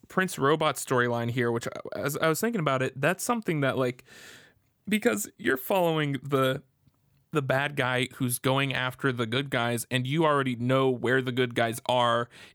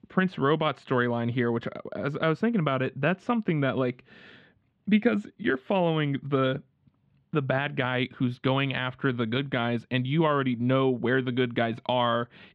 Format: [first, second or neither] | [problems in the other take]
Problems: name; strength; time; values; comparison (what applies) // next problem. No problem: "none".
first | muffled; very; fading above 3.5 kHz